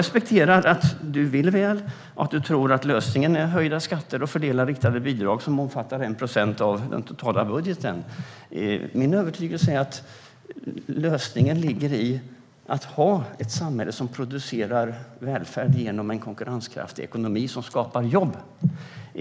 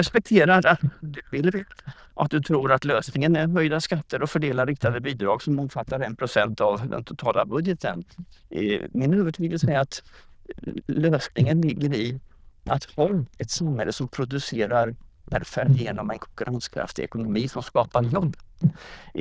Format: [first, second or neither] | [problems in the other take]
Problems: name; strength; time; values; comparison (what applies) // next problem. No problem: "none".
first | noise reduction (neural diffusion model UNIVERSE++)